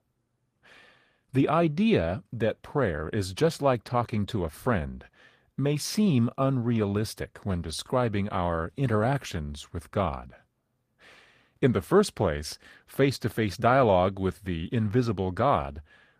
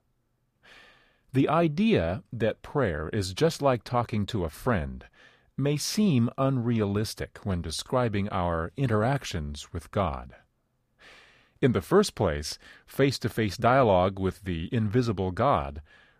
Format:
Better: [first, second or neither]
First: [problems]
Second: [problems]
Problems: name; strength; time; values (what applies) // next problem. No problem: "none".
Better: second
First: garbled, watery; slightly; nothing above 15 kHz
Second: none